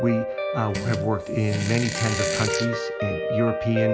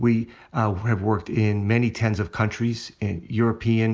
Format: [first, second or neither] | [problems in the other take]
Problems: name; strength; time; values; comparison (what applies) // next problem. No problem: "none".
second | background sound (Guitar + Fart); 1 dB below the speech